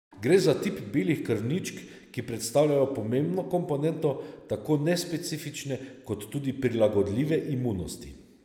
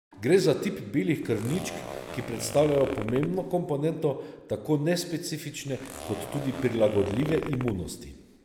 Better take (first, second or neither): first